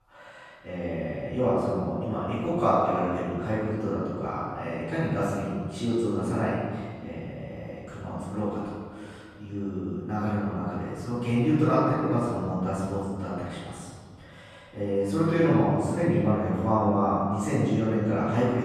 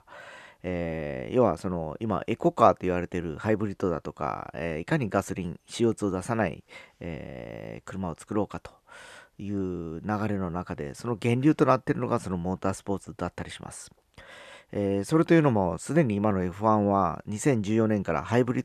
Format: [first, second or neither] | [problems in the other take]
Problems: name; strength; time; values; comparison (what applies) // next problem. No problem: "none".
second | room echo; strong; dies away in 1.8 s // off-mic speech; far